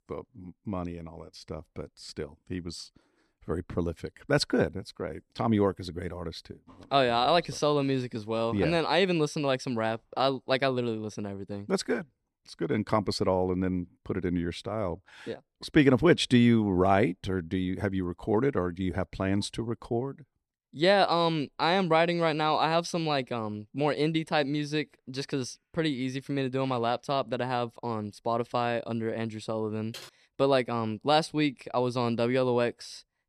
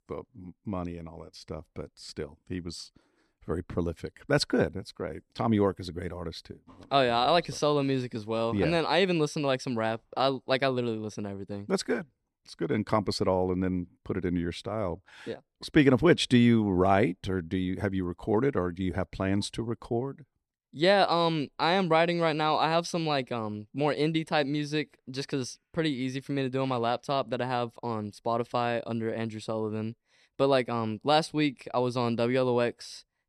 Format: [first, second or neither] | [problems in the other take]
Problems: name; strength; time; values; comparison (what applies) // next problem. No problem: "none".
second | keyboard typing; faint; at 30 s; peak 15 dB below the speech